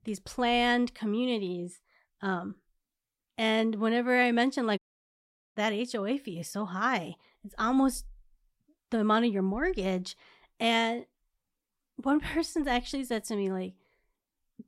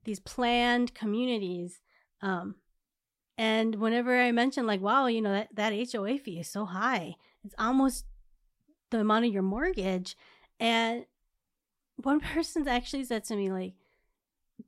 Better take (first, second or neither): second